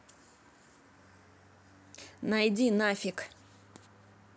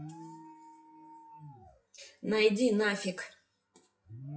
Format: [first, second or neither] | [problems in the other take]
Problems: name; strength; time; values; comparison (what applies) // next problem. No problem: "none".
first | noise reduction (classical method WPE with log-MMSE)